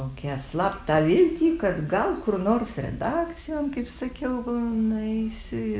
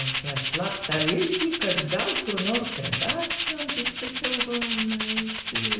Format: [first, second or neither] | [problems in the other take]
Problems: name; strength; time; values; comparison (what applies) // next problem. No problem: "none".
first | background sound (Rattle (instrument)); as loud as the speech // room echo; dies away in 0.8 s